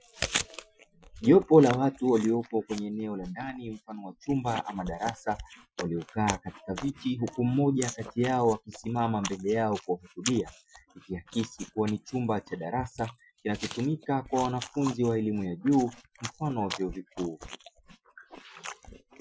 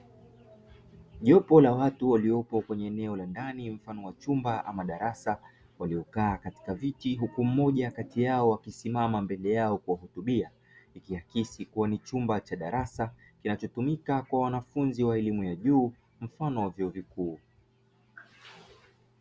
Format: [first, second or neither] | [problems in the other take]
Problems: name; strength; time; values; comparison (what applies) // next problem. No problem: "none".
second | noise reduction (classical method Wiener filter)